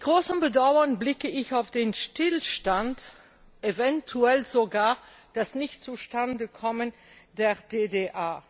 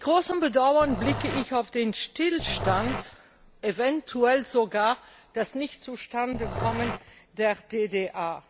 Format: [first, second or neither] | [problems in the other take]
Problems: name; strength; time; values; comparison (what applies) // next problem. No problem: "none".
first | background sound (Growling); 7 dB below the speech